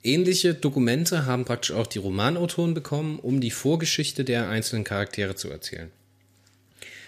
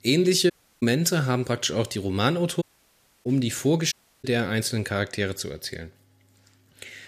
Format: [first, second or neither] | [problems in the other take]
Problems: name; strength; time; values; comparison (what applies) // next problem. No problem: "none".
first | audio cutting out; at 0.5 s, at 2.5 s for 0.5 s and at 4 s